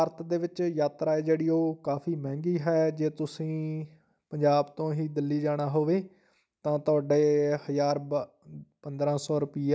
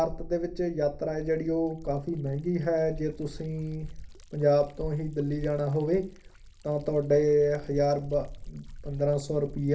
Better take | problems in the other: first | background sound (Liquid); 14 dB below the speech // room echo; dies away in 0.3 s

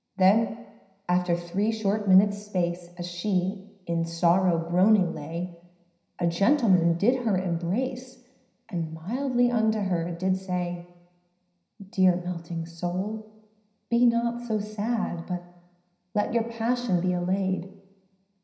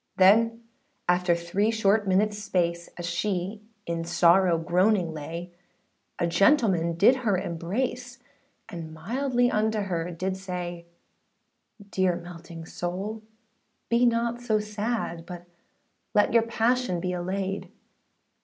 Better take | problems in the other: second | room echo; dies away in 0.9 s

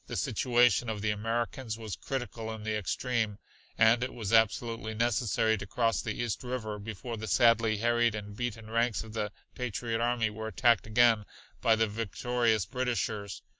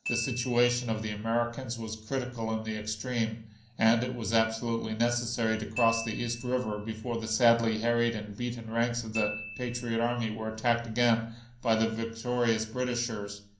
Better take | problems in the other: first | background sound (Glockenspiel); 15 dB below the speech // room echo; dies away in 0.6 s

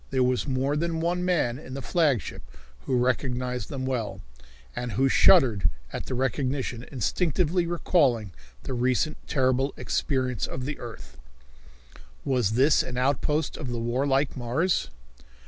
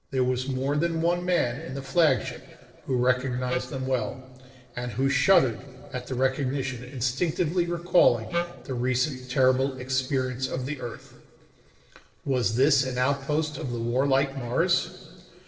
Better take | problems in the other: first | noise reduction (neural separator model SepFormer DNS4)

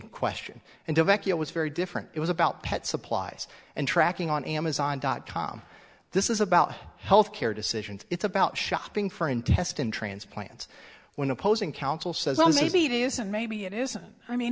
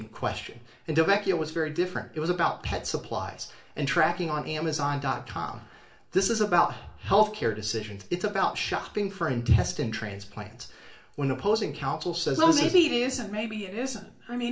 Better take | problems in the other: first | room echo; dies away in 0.3 s

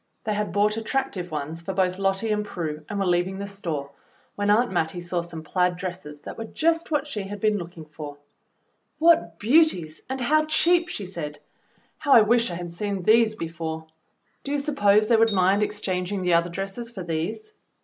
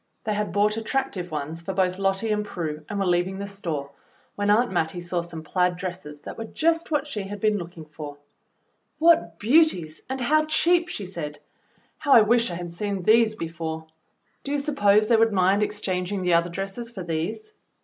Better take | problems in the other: second | background sound (Piano); 18 dB below the speech

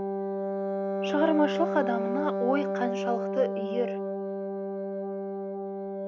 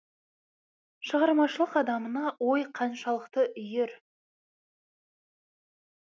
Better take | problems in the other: second | background sound (Wind instrument, woodwind instrument); 1 dB above the speech

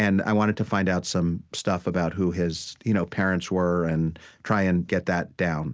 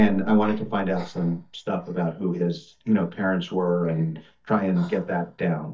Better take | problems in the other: first | noise reduction (neural mask model DeepFilterNet 3)

